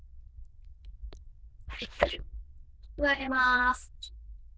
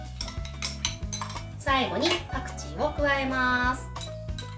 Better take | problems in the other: second | noise reduction (neural diffusion model UNIVERSE++)

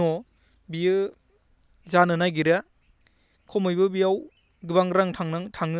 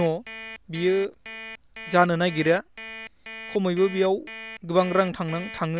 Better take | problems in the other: first | background sound (Alarm); 15 dB below the speech

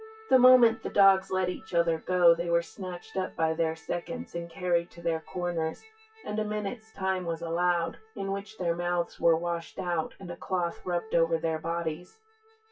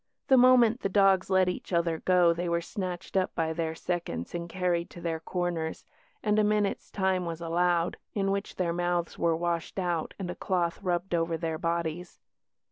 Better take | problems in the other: second | noise reduction (classical method WPE with log-MMSE)

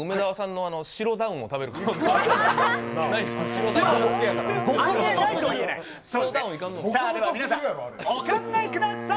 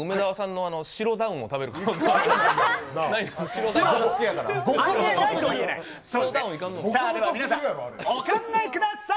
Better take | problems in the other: second | background sound (Wind instrument, woodwind instrument); 10 dB below the speech

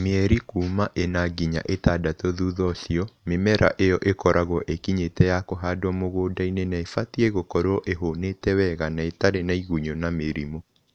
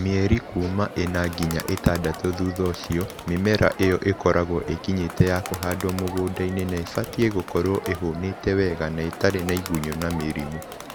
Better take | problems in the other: first | background sound (Crowd); 12 dB below the speech

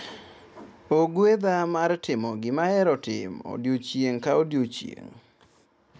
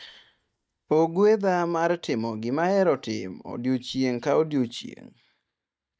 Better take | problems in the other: first | noise reduction (neural mask model DeepFilterNet 3)

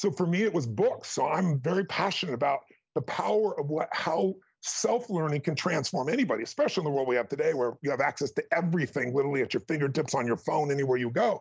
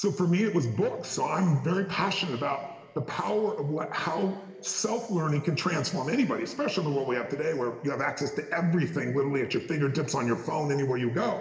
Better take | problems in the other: first | room echo; dies away in 1.6 s

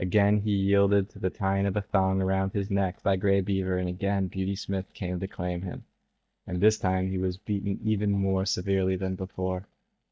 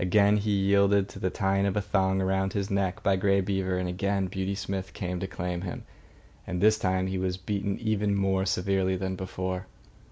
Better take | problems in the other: second | noise reduction (neural mask model DeepFilterNet 3)

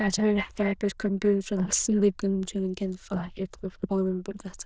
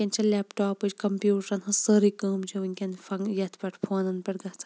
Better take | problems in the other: second | noise reduction (neural diffusion model UNIVERSE++)

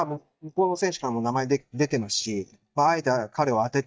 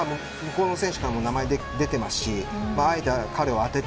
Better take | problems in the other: second | noise reduction (neural mask model DeepFilterNet 3)

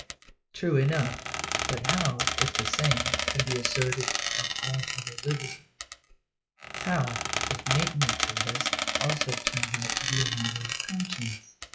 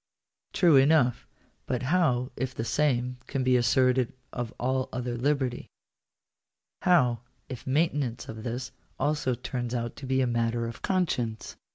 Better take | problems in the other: second | noise reduction (classical method WPE with log-MMSE)

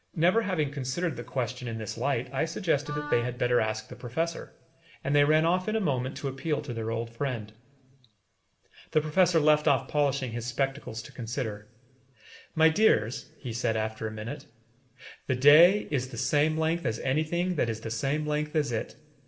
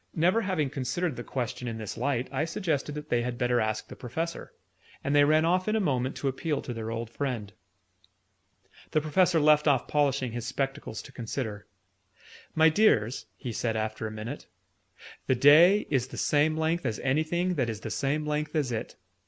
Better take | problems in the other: second | background sound (Wind instrument, woodwind instrument); 12 dB below the speech // room echo; dies away in 0.5 s

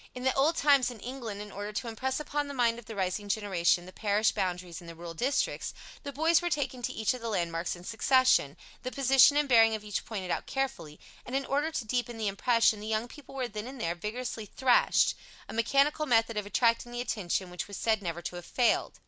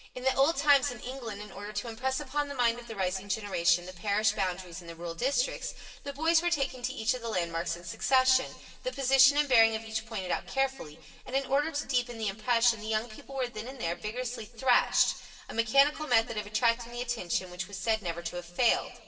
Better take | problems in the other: first | room echo; dies away in 1.3 s

